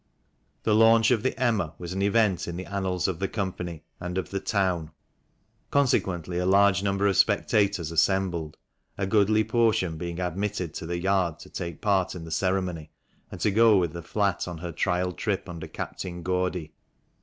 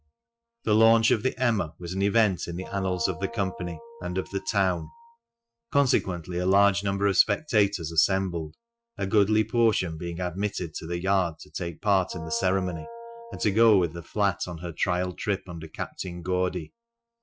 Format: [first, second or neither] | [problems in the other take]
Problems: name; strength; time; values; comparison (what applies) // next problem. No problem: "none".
first | noise reduction (classical method Wiener filter)